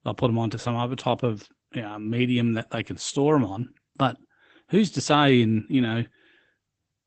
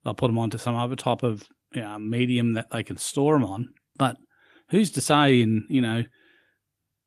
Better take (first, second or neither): second